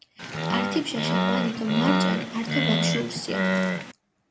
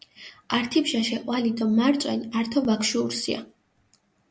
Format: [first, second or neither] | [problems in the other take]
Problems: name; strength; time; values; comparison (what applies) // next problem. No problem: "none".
second | background sound (Animal); 4 dB above the speech